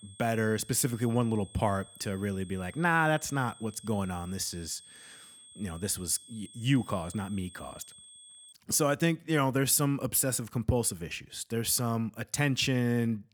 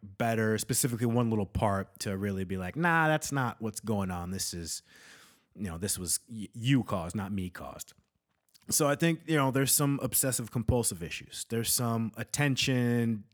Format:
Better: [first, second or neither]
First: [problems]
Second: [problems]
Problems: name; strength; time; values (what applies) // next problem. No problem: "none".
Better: second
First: high-pitched whine; faint; until 8.5 s; 8.5 kHz, 20 dB below the speech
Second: none